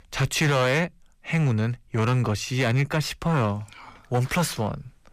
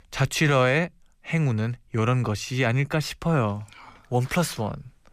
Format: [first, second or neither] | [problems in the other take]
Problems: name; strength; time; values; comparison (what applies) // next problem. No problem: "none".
second | distortion; slight; 8% of the sound clipped